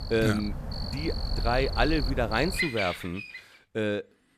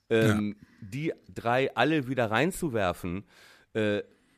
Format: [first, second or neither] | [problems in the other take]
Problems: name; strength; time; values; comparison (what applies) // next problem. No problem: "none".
second | animal sounds; loud; until 3 s; 4 dB below the speech